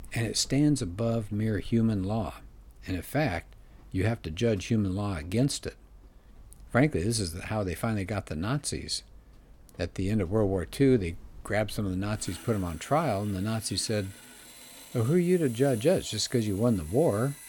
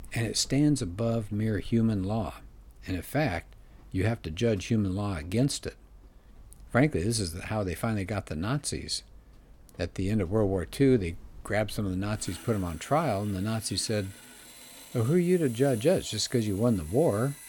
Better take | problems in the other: neither | machinery noise; faint; throughout; 20 dB below the speech; the same in both

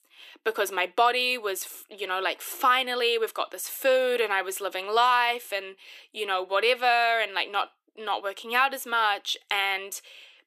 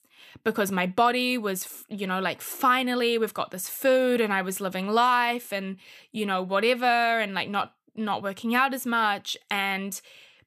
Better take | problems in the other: second | thin; very; fading below 350 Hz

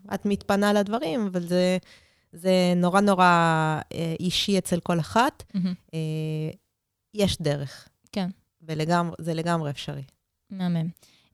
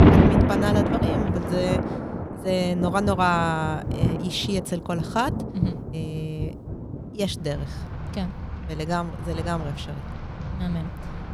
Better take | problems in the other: first | rain or running water; very loud; throughout; as loud as the speech

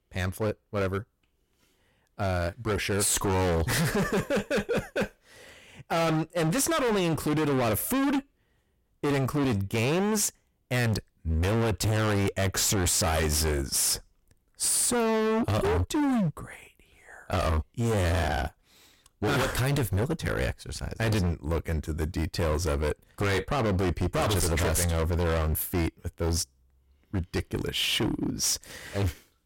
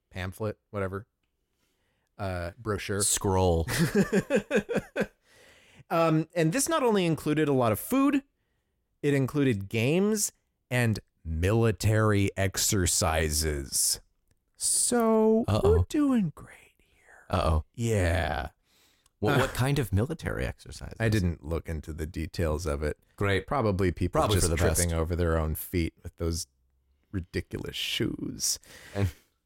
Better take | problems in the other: second | distortion; heavy; 26% of the sound clipped

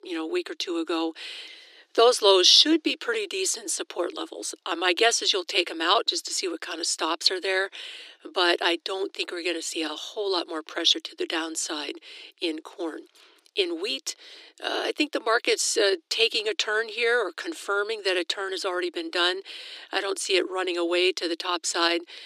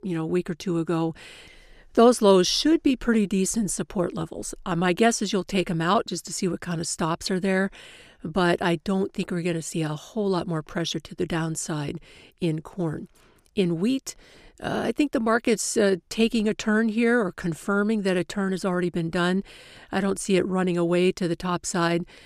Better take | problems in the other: second | thin; very; fading below 300 Hz

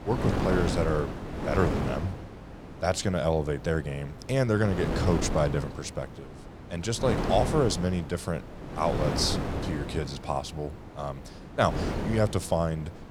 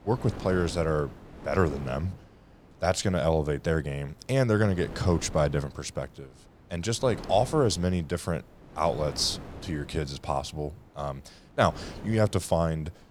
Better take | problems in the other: second | wind noise on the microphone; heavy; 6 dB below the speech; occasional gusts in the second

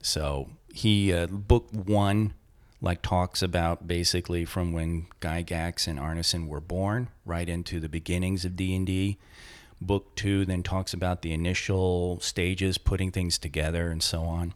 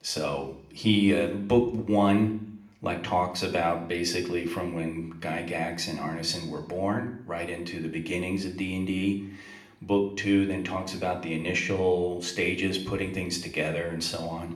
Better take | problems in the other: first | room echo; slight; dies away in 0.6 s // off-mic speech; somewhat distant

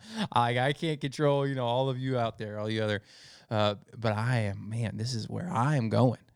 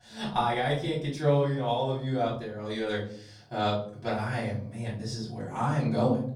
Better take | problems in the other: first | off-mic speech; far // room echo; slight; dies away in 0.5 s

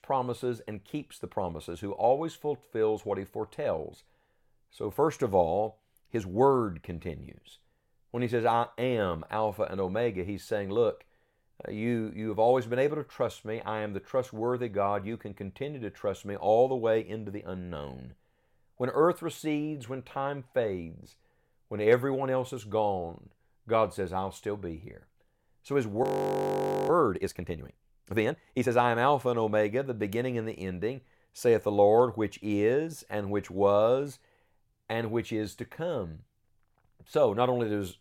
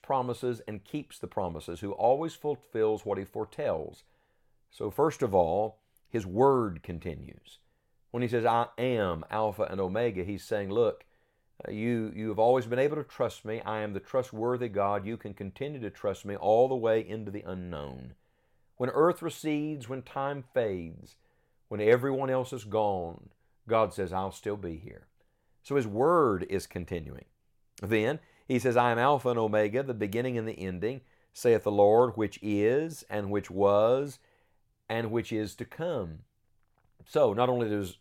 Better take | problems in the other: second | audio freezing; at 26 s for 1 s

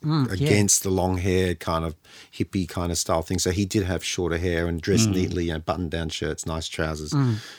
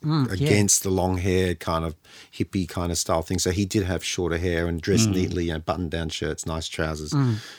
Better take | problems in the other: neither | none

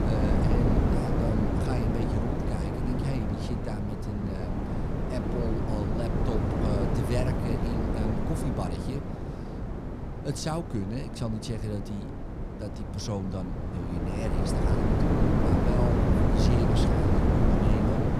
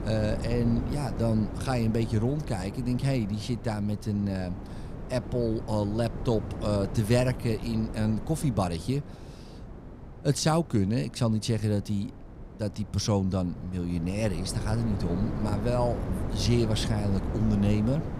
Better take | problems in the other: second | wind noise on the microphone; heavy; 5 dB above the speech; occasional gusts in the second

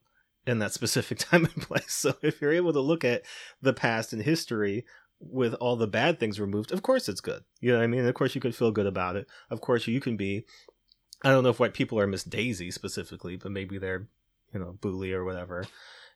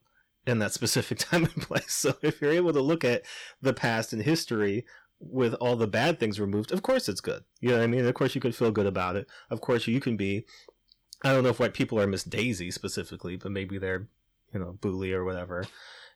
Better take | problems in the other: first | distortion; slight; 4% of the sound clipped

